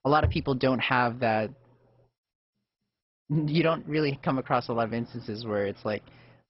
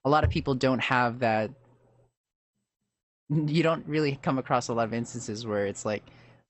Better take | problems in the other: second | garbled, watery; badly; nothing above 5.5 kHz; slightly in the second

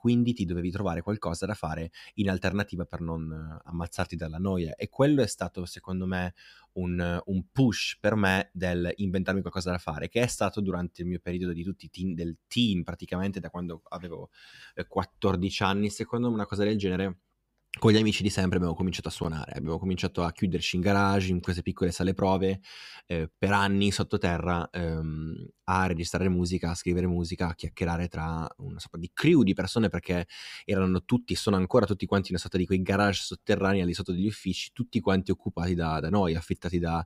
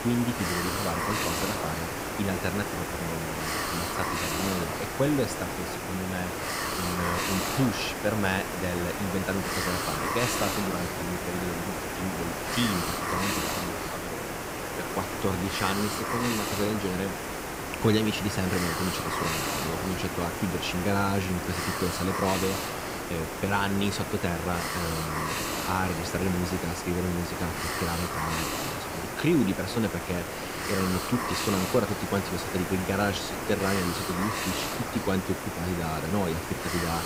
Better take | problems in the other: first | hiss; loud; throughout; as loud as the speech

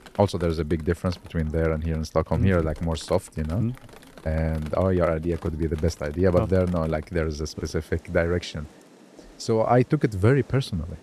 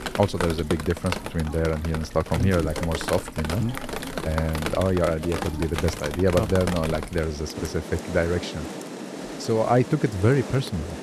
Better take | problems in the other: first | rain or running water; loud; throughout; 8 dB below the speech; faint in the first

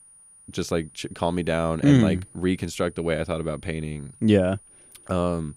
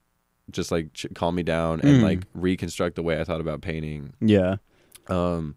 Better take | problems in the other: second | high-pitched whine; faint; throughout; 9.5 kHz, 25 dB below the speech

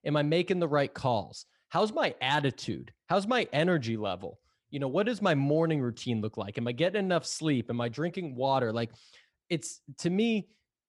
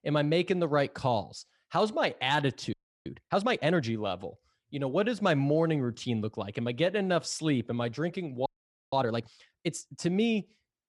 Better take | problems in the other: first | audio freezing; at 2.5 s and at 8.5 s

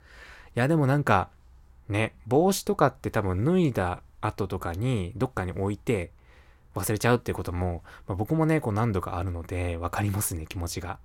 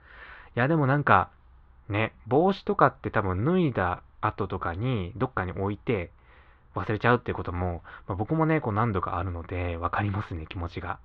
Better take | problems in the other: first | muffled; very; fading above 3.5 kHz

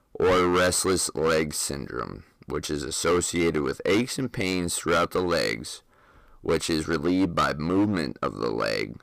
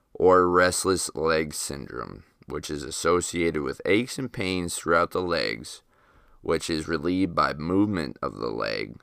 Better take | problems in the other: second | distortion; heavy; 8% of the sound clipped

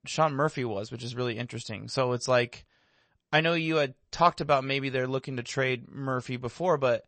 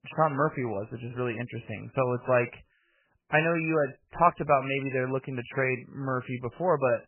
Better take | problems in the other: first | garbled, watery; badly; nothing above 2.5 kHz; slightly in the first

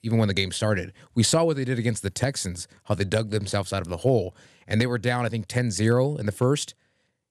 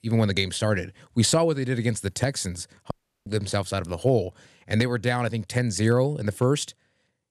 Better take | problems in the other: first | audio cutting out; at 3 s

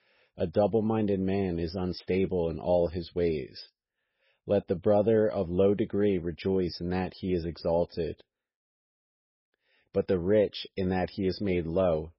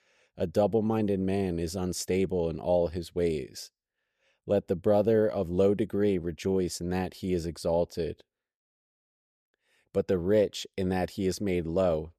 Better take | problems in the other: second | garbled, watery; badly; nothing above 5.5 kHz

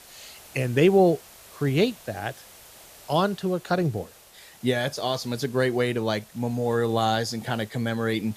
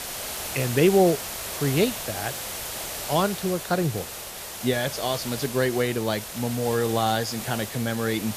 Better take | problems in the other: first | hiss; loud; throughout; 7 dB below the speech; faint in the first

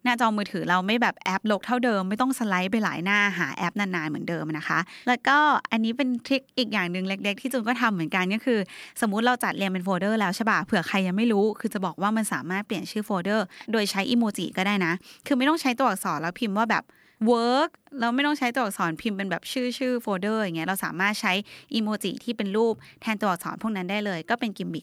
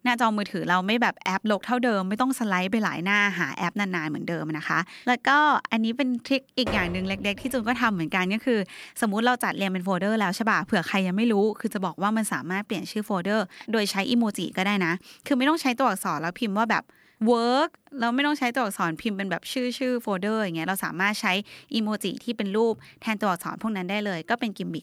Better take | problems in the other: first | door banging; noticeable; from 6.5 to 8 s; peak 7 dB below the speech

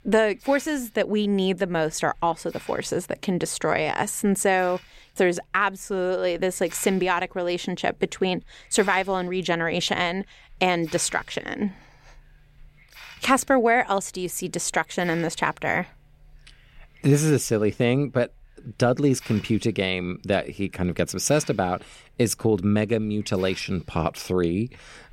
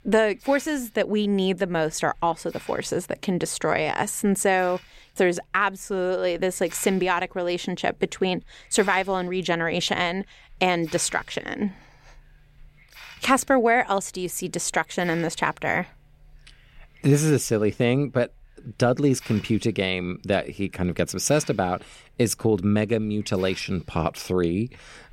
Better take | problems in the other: neither | hiss; faint; throughout; 25 dB below the speech; the same in both

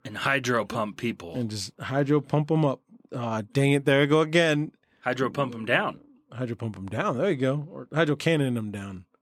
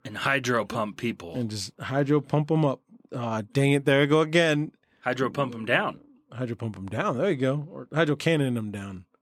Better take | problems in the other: neither | none

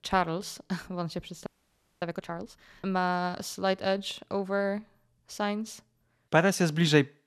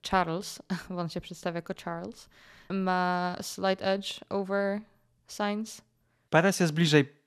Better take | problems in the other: second | audio freezing; at 1.5 s for 0.5 s

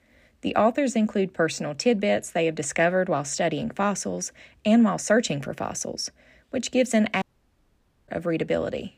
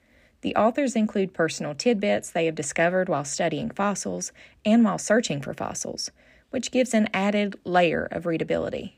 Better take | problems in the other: second | audio cutting out; at 7 s for 1 s

